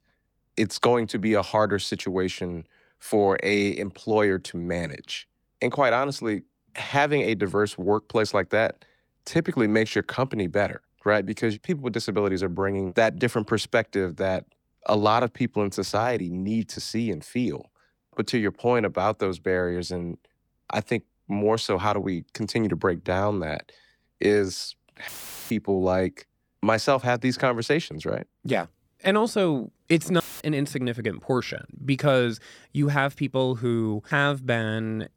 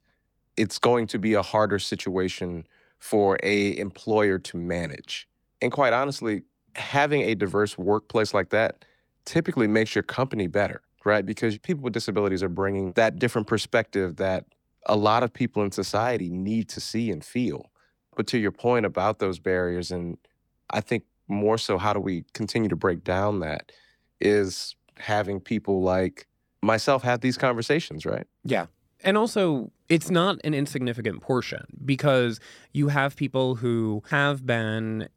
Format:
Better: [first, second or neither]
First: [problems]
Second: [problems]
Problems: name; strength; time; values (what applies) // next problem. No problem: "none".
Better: second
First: audio cutting out; filled with static; at 25 s and at 30 s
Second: none